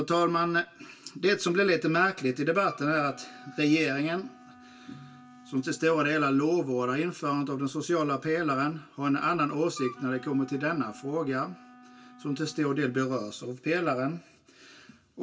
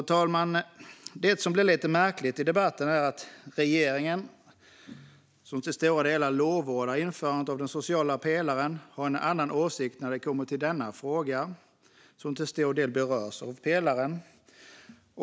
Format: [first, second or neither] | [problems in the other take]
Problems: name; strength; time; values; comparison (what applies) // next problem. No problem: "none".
second | background sound (Wind instrument, woodwind instrument); 20 dB below the speech // room echo; dies away in 0.1 s